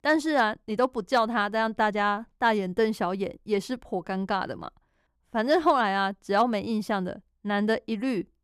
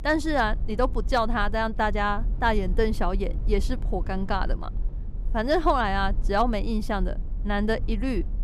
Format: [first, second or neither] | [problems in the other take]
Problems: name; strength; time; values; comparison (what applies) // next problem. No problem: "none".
first | low rumble; faint; throughout; 25 dB below the speech